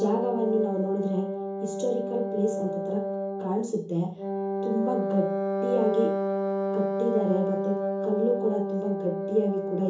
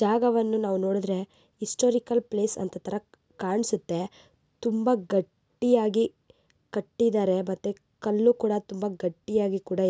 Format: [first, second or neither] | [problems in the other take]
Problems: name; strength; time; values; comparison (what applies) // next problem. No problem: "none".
second | background sound (Wind instrument, woodwind instrument); 1 dB below the speech // room echo; dies away in 0.7 s